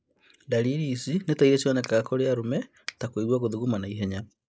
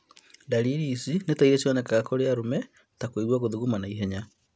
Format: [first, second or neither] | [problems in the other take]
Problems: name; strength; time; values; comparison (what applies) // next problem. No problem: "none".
second | noise reduction (neural mask model Resemble Enhance denoiser)